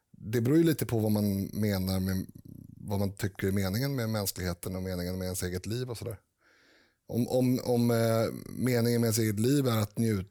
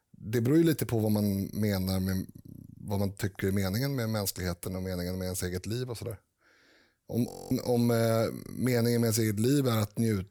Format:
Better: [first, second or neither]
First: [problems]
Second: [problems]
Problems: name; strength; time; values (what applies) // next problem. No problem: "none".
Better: first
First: none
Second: audio freezing; at 7.5 s